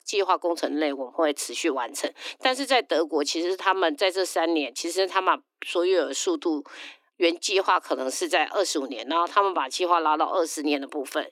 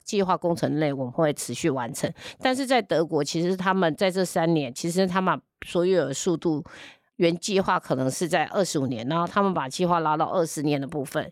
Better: second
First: thin; somewhat; fading below 300 Hz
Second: none

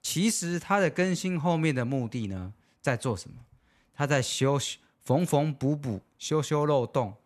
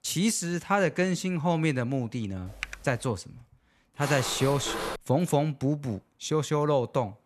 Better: first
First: none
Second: keyboard typing; faint; at 2.5 s; peak 10 dB below the speech // footsteps; noticeable; at 4 s; peak 5 dB below the speech

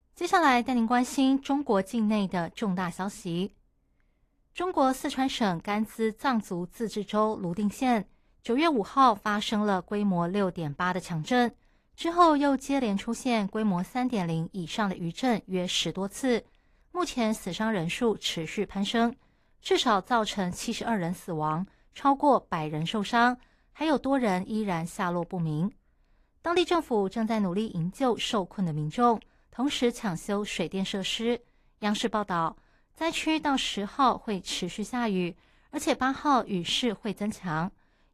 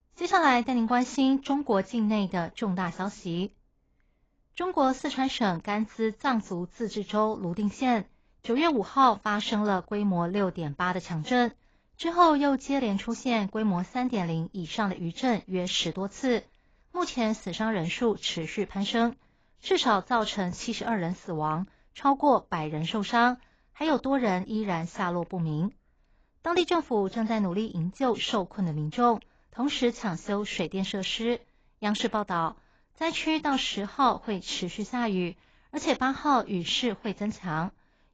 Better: first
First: garbled, watery; slightly; nothing above 14.5 kHz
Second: garbled, watery; badly; nothing above 7.5 kHz

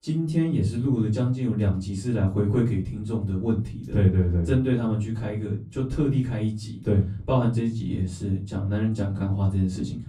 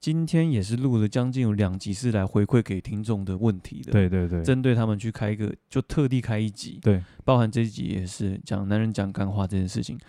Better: second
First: off-mic speech; far // room echo; slight; dies away in 0.5 s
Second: none

